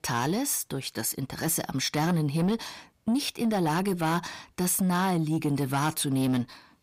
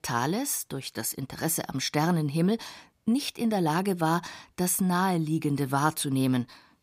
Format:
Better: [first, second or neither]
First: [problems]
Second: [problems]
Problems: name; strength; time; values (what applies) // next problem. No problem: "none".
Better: second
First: distortion; slight; 10 dB below the speech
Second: none